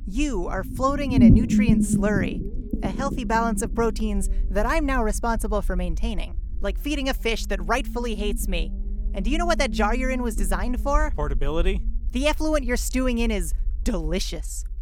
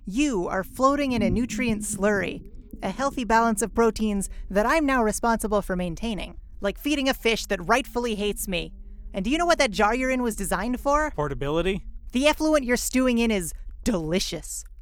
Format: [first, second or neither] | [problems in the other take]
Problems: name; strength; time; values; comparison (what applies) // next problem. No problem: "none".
second | low rumble; loud; throughout; 5 dB below the speech; faint in the second